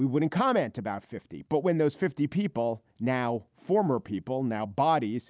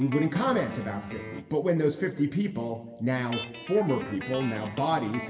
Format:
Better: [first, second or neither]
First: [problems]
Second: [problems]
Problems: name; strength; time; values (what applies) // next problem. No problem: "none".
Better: first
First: none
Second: background sound (Guitar); 13 dB below the speech // room echo; dies away in 1.2 s